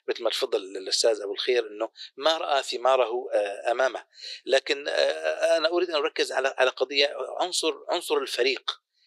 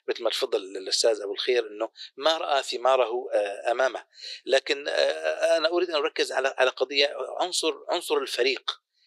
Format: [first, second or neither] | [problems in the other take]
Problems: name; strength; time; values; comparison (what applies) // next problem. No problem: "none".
neither | thin; very; fading below 400 Hz; the same in both